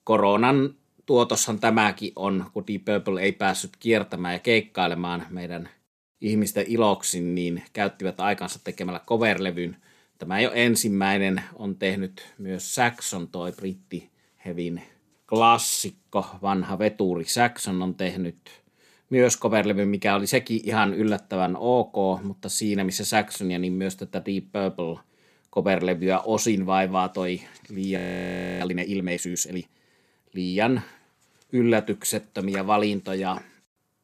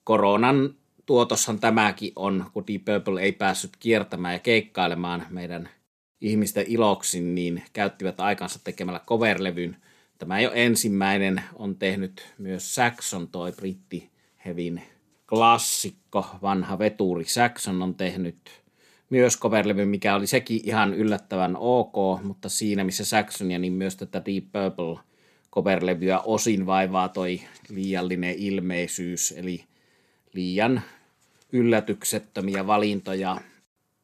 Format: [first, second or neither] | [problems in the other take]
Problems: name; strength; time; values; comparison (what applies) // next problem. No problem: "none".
second | audio freezing; at 28 s for 0.5 s